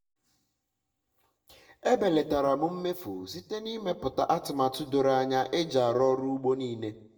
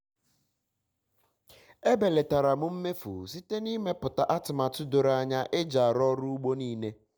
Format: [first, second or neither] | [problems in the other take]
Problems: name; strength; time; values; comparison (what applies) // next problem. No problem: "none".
second | room echo; dies away in 0.5 s